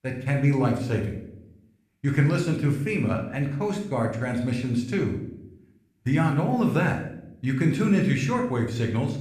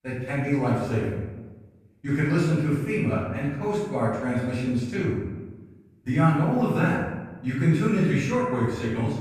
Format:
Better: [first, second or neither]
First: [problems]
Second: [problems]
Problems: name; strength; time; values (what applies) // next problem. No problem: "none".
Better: first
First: room echo; slight; dies away in 0.6 s // off-mic speech; somewhat distant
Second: room echo; strong; dies away in 1 s // off-mic speech; far